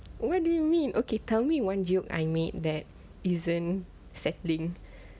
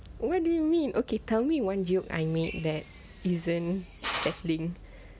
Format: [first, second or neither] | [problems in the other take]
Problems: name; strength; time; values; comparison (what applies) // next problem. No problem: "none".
first | background sound (Drill); 13 dB below the speech